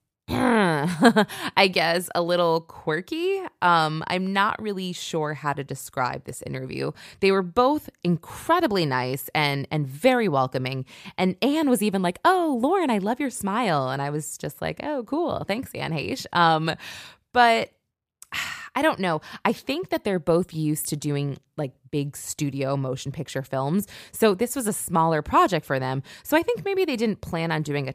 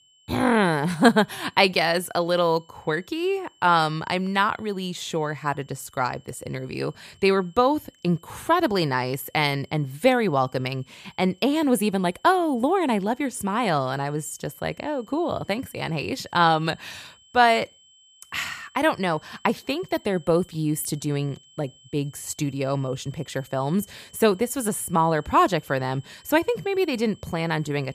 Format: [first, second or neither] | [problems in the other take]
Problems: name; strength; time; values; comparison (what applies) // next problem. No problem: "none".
first | high-pitched whine; faint; throughout; 3 kHz, 30 dB below the speech